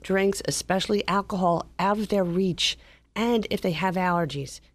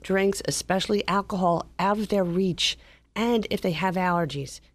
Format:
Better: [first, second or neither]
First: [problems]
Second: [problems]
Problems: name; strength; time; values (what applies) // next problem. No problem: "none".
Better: neither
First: none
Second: none